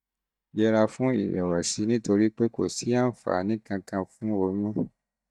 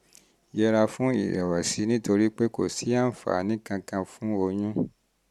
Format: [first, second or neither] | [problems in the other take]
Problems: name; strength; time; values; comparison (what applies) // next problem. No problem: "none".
second | noise reduction (neural mask model DeepFilterNet 3)